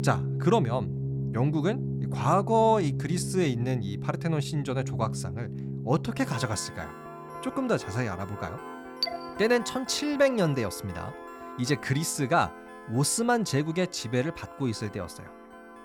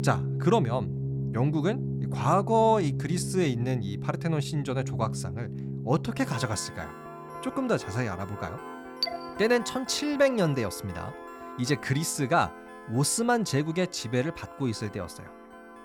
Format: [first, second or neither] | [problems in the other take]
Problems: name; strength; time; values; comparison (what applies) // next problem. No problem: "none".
neither | background music; loud; throughout; 8 dB below the speech; the same in both